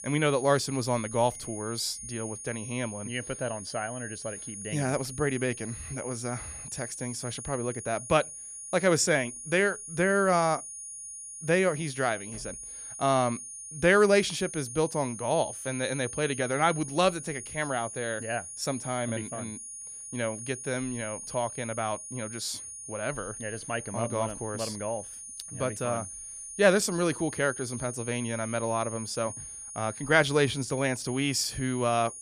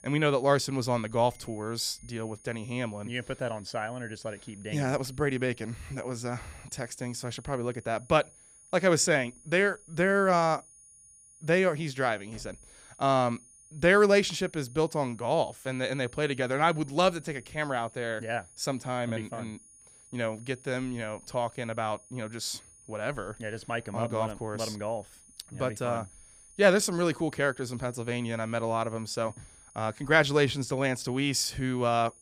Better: second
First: high-pitched whine; loud; throughout; 9.5 kHz, 10 dB below the speech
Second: high-pitched whine; faint; throughout; 9.5 kHz, 25 dB below the speech

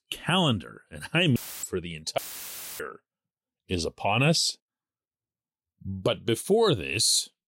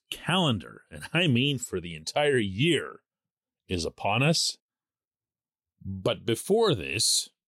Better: second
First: audio cutting out; filled with static; at 1.5 s and at 2 s for 0.5 s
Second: none

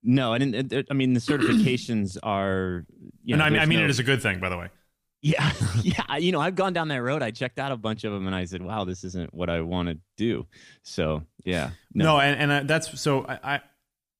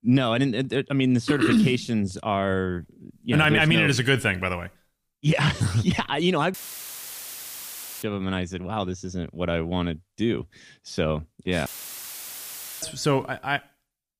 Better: first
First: none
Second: audio cutting out; filled with static; at 6.5 s for 1.5 s and at 12 s for 1 s

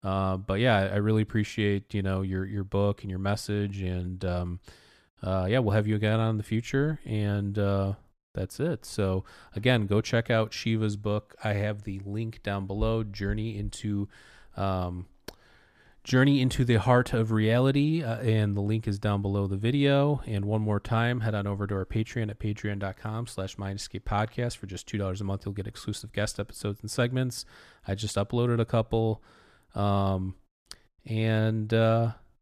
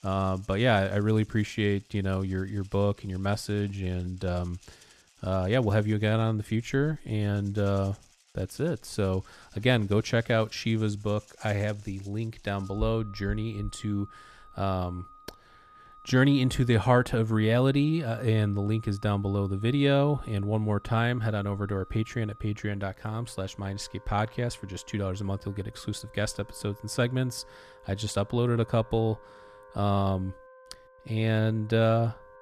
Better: first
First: none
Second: background music; faint; throughout; 25 dB below the speech

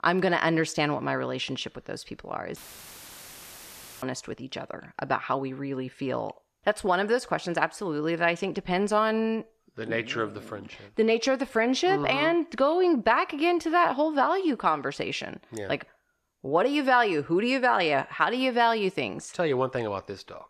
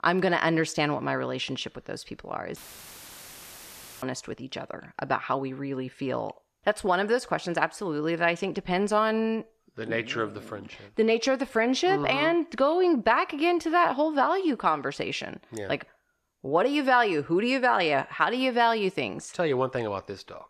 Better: neither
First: audio cutting out; filled with static; at 2.5 s for 1.5 s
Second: audio cutting out; filled with static; at 2.5 s for 1.5 s

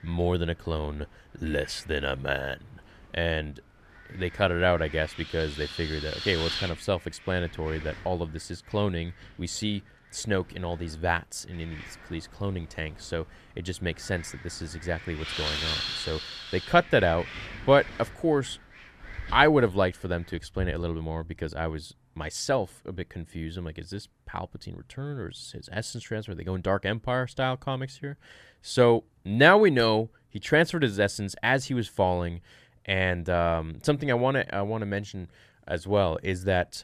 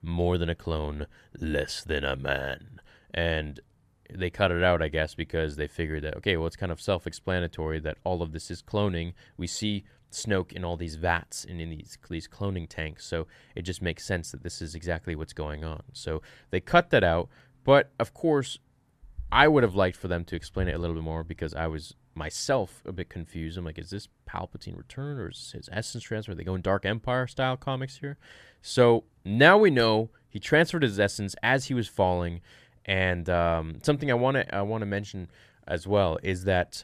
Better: second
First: wind noise on the microphone; heavy; until 20 s; 9 dB below the speech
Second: none

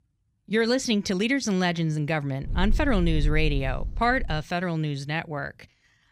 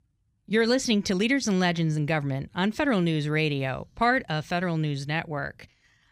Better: second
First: low rumble; very faint; from 2.5 to 4.5 s; 25 dB below the speech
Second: none

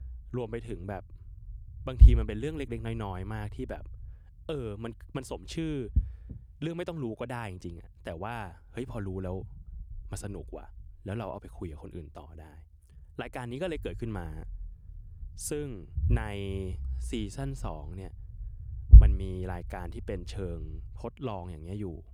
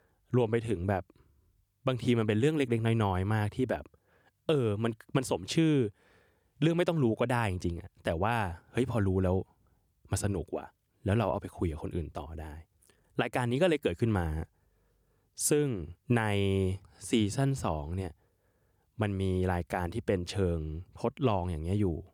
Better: second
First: low rumble; loud; throughout; 6 dB below the speech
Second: none

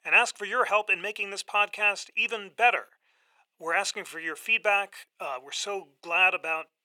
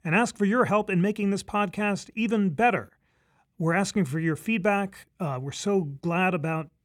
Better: second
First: thin; very; fading below 600 Hz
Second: none

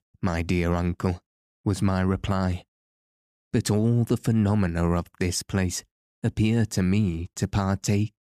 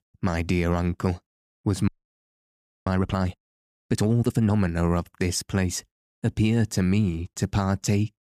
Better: first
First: none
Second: audio freezing; at 2 s for 1 s

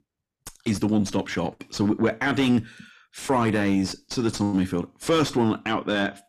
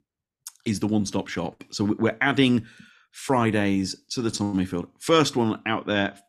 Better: second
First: distortion; slight; 10 dB below the speech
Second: none

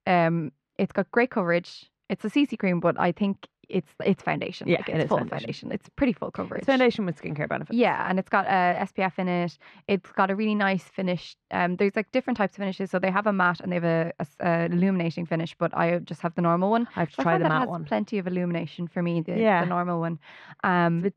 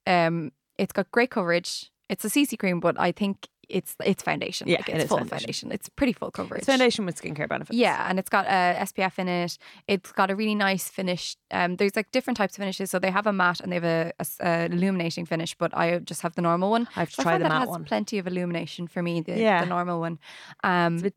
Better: second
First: muffled; slightly; fading above 2.5 kHz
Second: none

